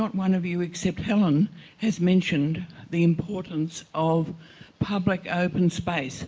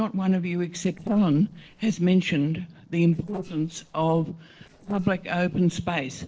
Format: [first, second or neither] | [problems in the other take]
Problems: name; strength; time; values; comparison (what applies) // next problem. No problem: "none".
first | noise reduction (neural separator model SepFormer DNS4)